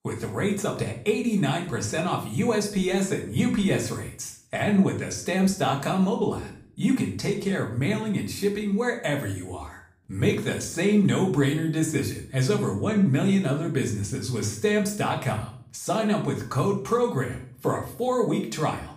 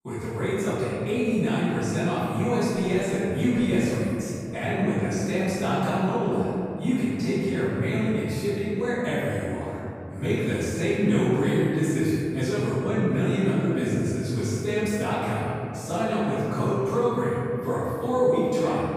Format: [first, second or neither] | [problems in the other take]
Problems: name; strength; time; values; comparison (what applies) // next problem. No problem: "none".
first | room echo; strong; dies away in 2.9 s; slight in the first // off-mic speech; far; somewhat distant in the first